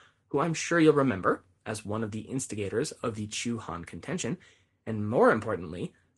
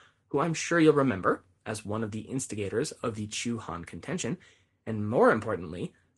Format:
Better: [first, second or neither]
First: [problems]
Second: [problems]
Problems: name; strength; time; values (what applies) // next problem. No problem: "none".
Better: neither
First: garbled, watery; slightly; nothing above 10.5 kHz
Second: garbled, watery; slightly; nothing above 10.5 kHz